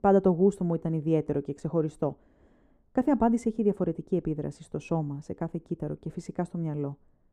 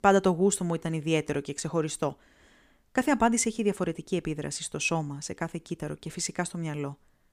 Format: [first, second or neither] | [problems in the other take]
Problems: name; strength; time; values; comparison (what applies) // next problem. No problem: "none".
second | muffled; very; fading above 1.5 kHz